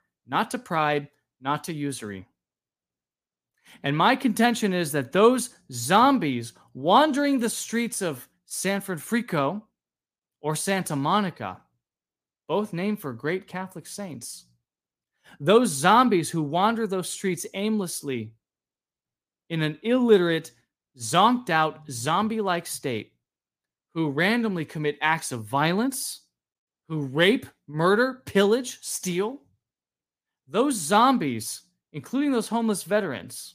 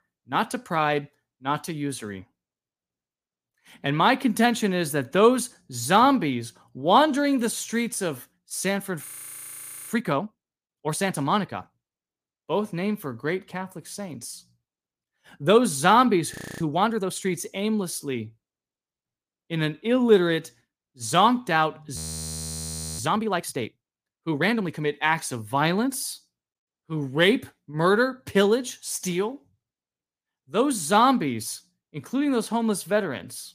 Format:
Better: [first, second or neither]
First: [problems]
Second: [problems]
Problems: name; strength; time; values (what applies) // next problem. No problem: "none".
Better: first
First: none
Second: audio freezing; at 9 s for 1 s, at 16 s and at 22 s for 1 s